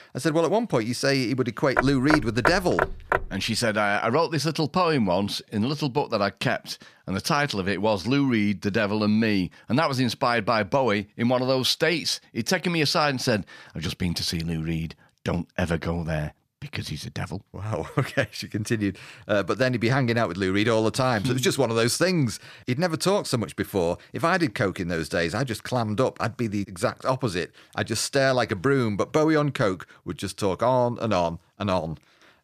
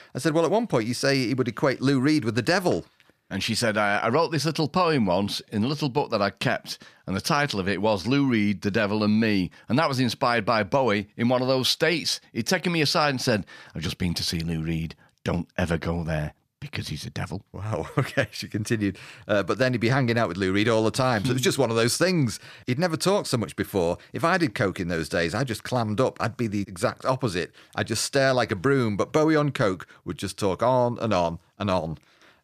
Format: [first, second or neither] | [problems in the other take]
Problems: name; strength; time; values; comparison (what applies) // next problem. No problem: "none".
second | door banging; loud; from 2 to 3.5 s; peak 1 dB above the speech